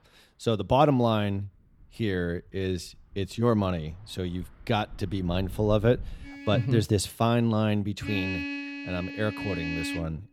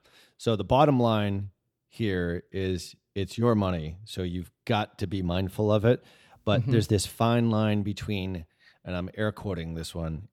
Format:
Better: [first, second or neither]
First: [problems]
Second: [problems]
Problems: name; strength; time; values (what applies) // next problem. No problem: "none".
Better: second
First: traffic noise; loud; throughout; 8 dB below the speech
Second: none